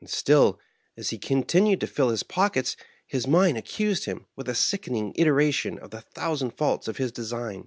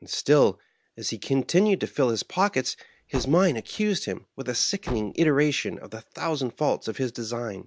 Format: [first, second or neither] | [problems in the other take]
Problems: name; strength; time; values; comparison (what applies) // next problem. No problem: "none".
first | background sound (Car); 16 dB below the speech